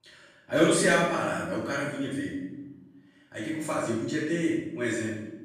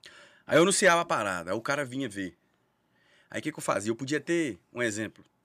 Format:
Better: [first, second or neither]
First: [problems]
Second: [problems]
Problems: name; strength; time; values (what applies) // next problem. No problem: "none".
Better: second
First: off-mic speech; far // room echo; noticeable; dies away in 1 s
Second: none